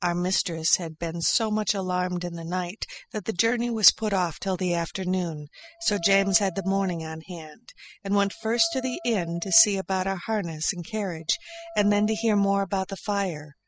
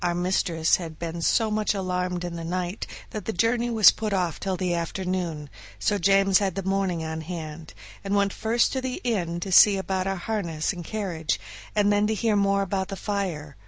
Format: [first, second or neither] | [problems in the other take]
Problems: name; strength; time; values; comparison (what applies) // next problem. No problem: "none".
second | noise reduction (classical method spectral subtraction)